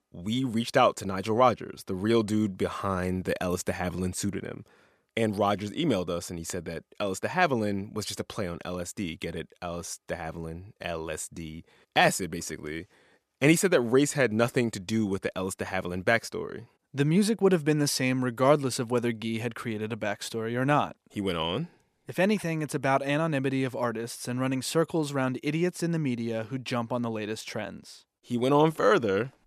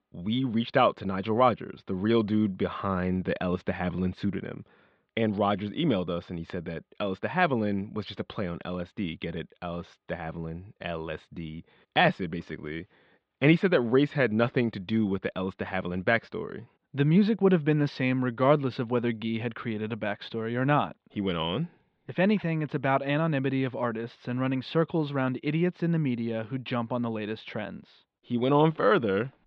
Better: first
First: none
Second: muffled; very; fading above 3.5 kHz

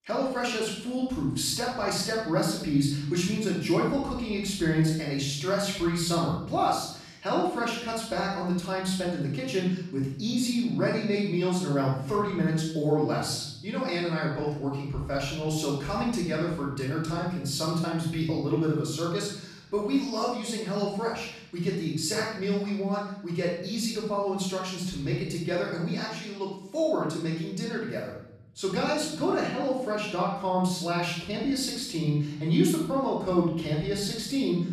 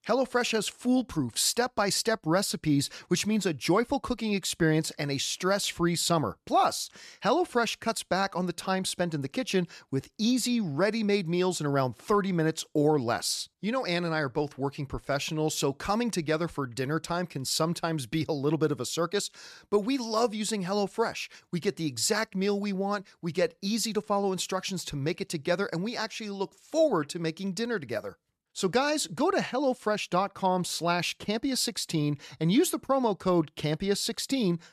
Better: second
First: off-mic speech; far // room echo; noticeable; dies away in 1 s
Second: none

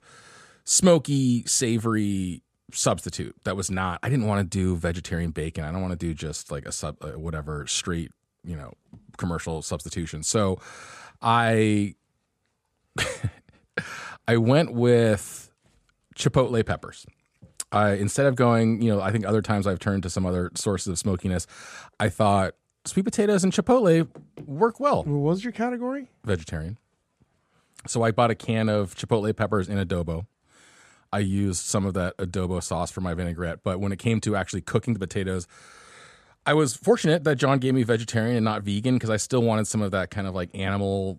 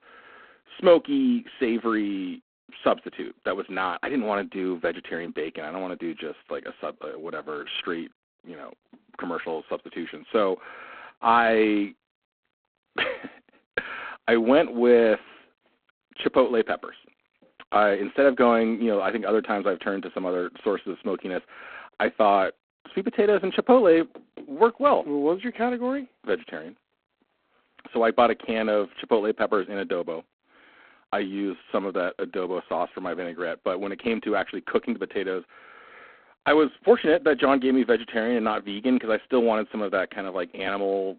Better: first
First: none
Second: phone-call audio; poor line

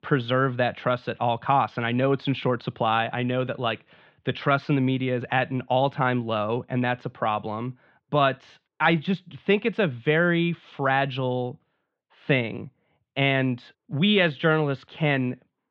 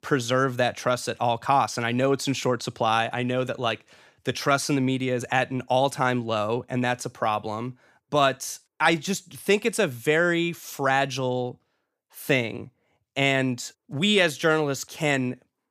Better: second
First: muffled; very; fading above 3.5 kHz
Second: none

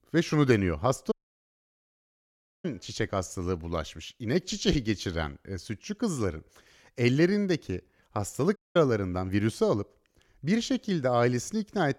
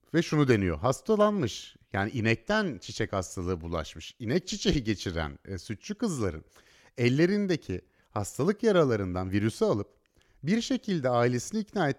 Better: second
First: audio cutting out; at 1 s for 1.5 s and at 8.5 s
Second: none

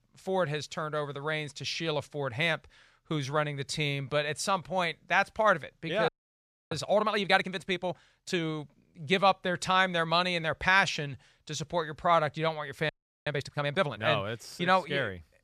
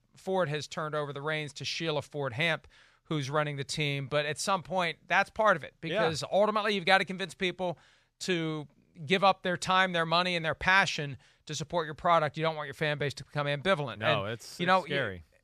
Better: second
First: audio freezing; at 6 s for 0.5 s and at 13 s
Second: none

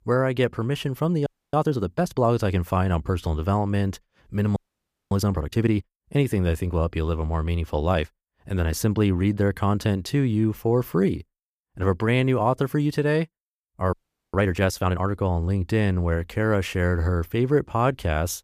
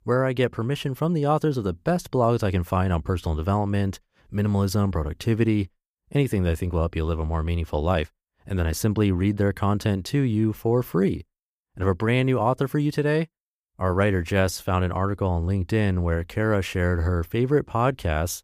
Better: second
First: audio freezing; at 1.5 s, at 4.5 s for 0.5 s and at 14 s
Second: none

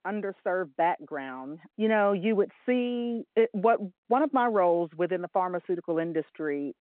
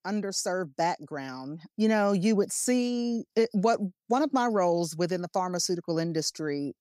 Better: second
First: phone-call audio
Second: none

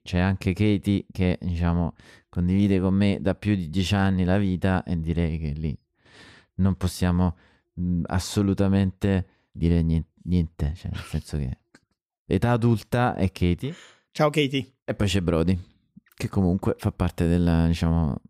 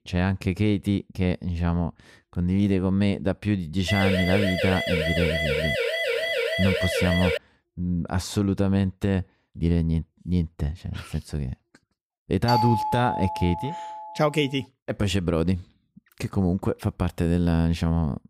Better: first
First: none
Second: siren; loud; from 4 to 7.5 s; peak 1 dB above the speech // doorbell; loud; from 12 to 14 s; peak 1 dB above the speech

